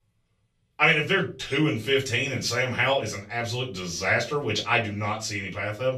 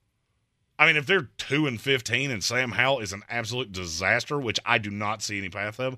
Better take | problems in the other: second | off-mic speech; far // room echo; very slight; dies away in 0.3 s

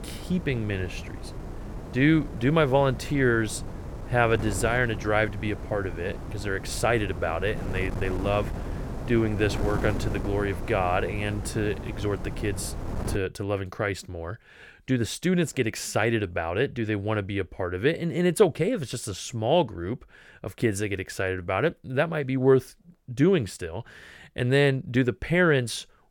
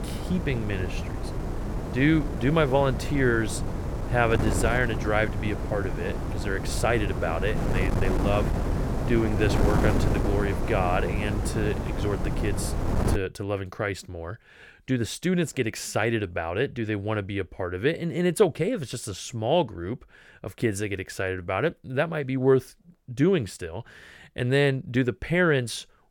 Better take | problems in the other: first | wind noise on the microphone; heavy; until 13 s; 6 dB below the speech; occasional gusts in the first

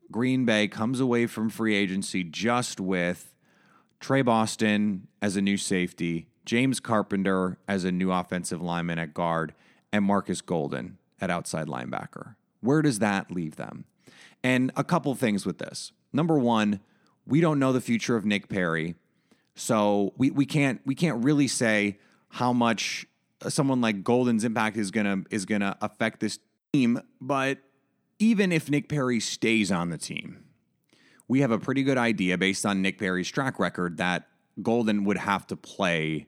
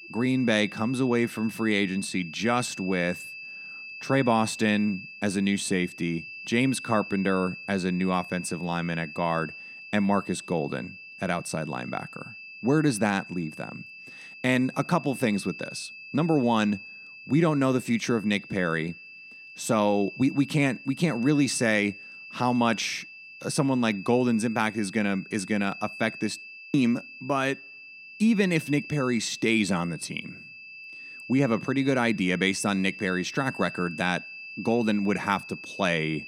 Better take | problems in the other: first | high-pitched whine; noticeable; throughout; 2.5 kHz, 15 dB below the speech

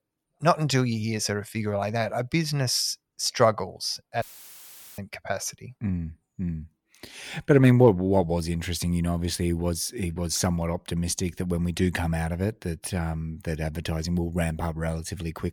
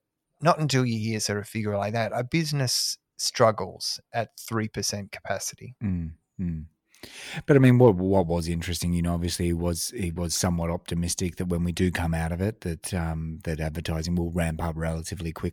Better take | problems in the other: second | audio cutting out; filled with static; at 4 s for 1 s

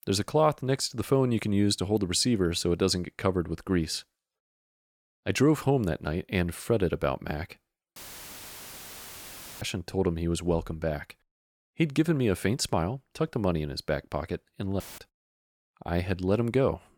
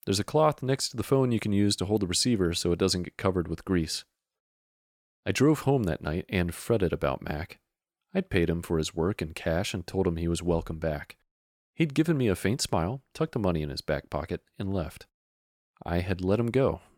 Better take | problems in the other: second | audio cutting out; filled with static; at 8 s for 1.5 s and at 15 s

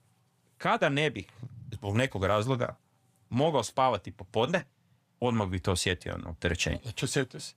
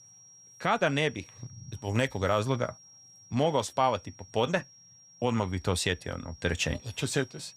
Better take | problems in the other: first | high-pitched whine; faint; throughout; 5.5 kHz, 20 dB below the speech

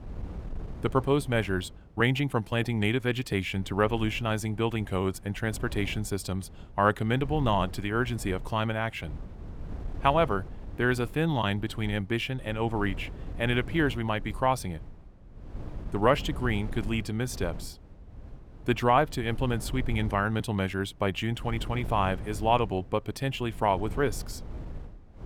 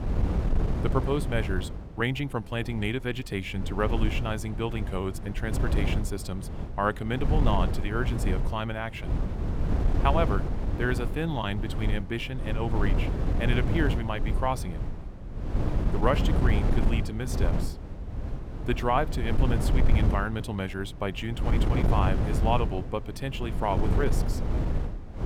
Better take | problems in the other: first | wind noise on the microphone; heavy; 7 dB below the speech; occasional gusts in the first

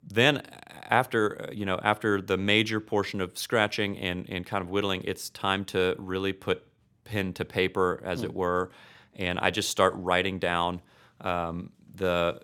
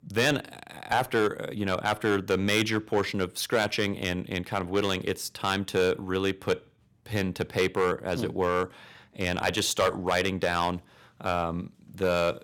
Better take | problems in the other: first | distortion; heavy; 3% of the sound clipped

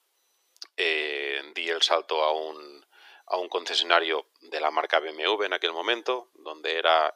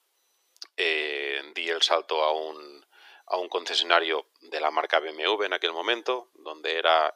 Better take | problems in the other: neither | thin; very; fading below 350 Hz; the same in both

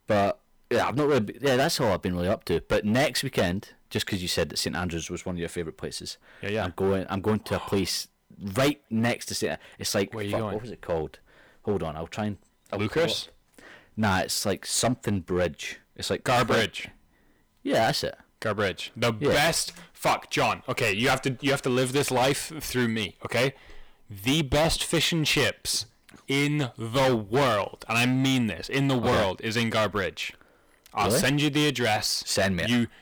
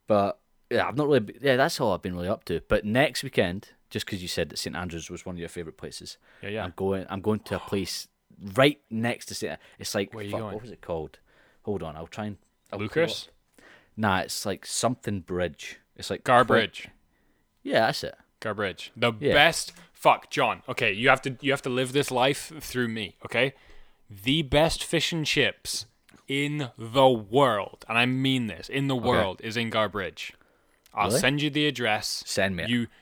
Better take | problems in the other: second | distortion; heavy; 10% of the sound clipped

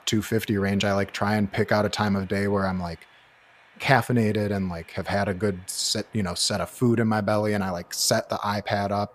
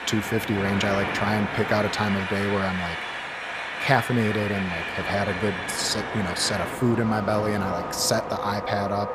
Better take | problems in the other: first | train or aircraft noise; loud; throughout; 4 dB below the speech; faint in the first

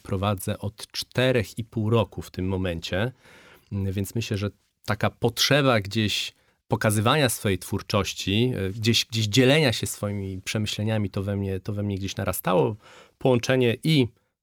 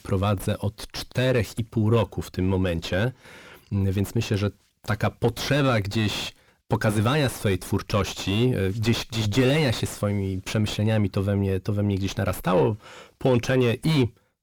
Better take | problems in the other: first | distortion; heavy; 6 dB below the speech

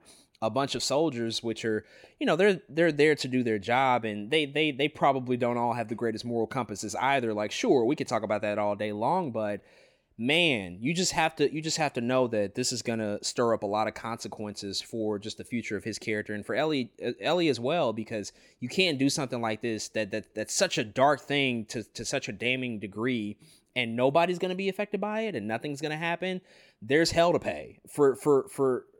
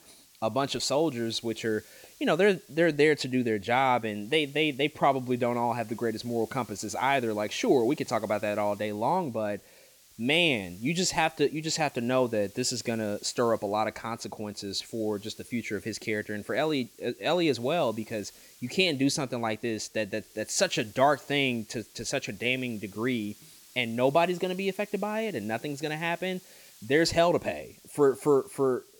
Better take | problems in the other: first | hiss; faint; throughout; 25 dB below the speech

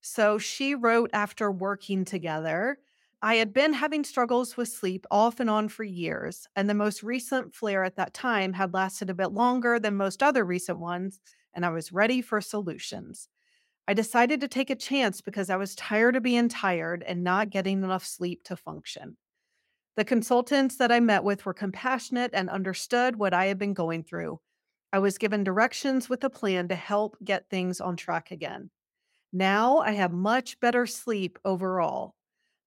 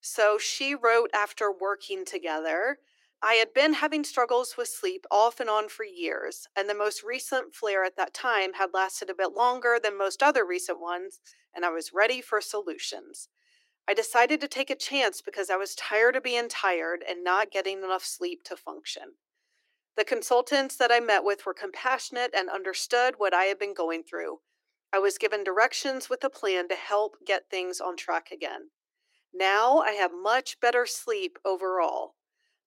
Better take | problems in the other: first | thin; very; fading below 300 Hz

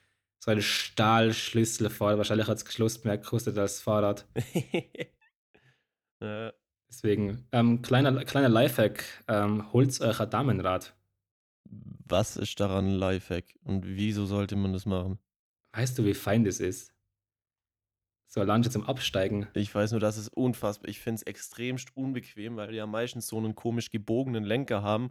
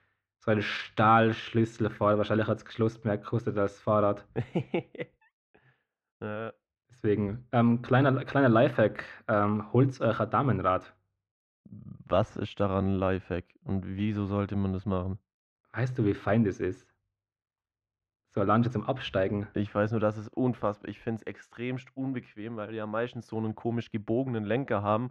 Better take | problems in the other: first | muffled; very; fading above 2 kHz

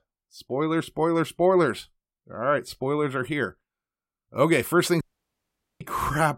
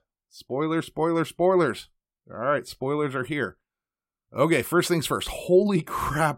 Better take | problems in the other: second | audio cutting out; at 5 s for 1 s

